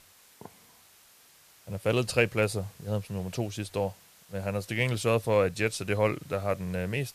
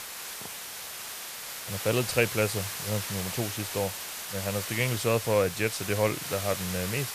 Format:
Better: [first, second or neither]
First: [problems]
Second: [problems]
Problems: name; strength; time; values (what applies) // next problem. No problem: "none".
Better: first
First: hiss; faint; throughout; 25 dB below the speech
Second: hiss; loud; throughout; 5 dB below the speech